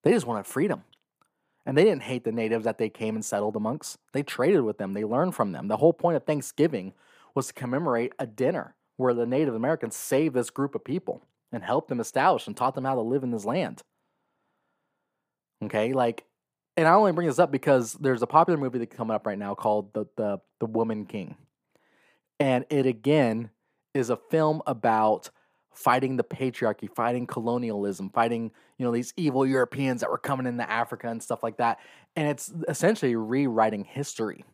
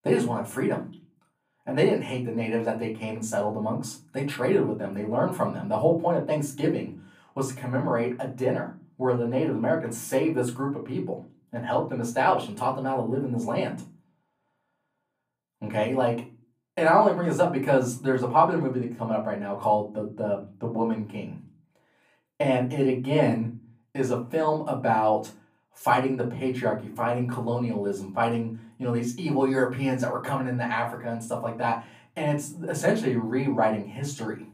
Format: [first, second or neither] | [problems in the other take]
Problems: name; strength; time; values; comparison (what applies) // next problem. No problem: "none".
first | off-mic speech; far // room echo; very slight; dies away in 0.3 s